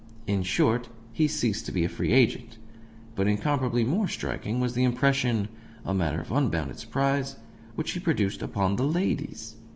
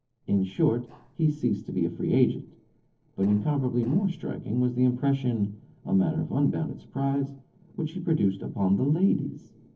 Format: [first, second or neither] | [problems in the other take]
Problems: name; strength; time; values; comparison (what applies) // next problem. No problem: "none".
first | noise reduction (neural separator model SepFormer DNS4)